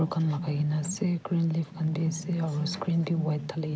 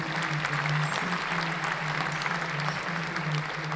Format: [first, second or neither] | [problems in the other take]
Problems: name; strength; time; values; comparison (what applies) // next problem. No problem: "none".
first | background sound (Applause / Crowd); 3 dB above the speech // room echo; dies away in 0.9 s